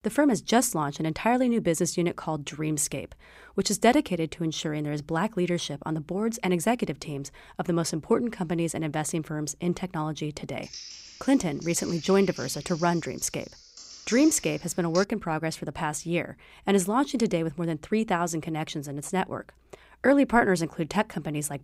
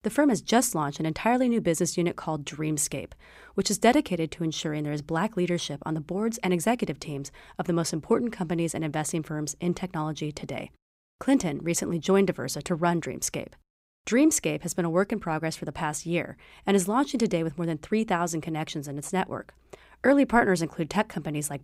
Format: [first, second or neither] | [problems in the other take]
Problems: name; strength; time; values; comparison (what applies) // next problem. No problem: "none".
second | keyboard typing; noticeable; from 11 to 15 s; peak 10 dB below the speech